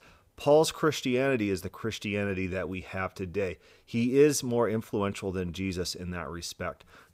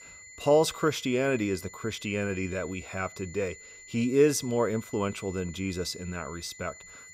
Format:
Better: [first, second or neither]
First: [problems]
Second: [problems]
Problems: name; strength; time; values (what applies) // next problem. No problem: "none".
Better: first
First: none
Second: high-pitched whine; noticeable; throughout; 2 kHz, 15 dB below the speech